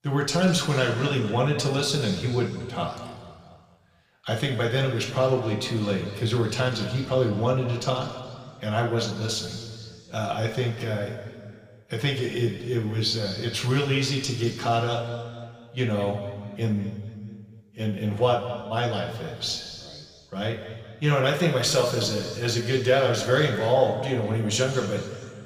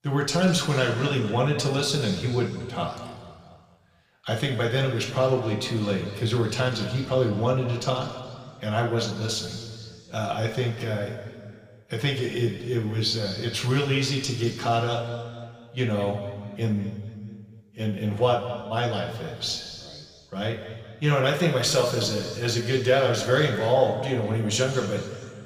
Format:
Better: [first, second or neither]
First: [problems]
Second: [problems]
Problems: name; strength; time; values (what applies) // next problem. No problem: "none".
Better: neither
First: room echo; noticeable; dies away in 2 s // off-mic speech; somewhat distant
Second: room echo; noticeable; dies away in 2 s // off-mic speech; somewhat distant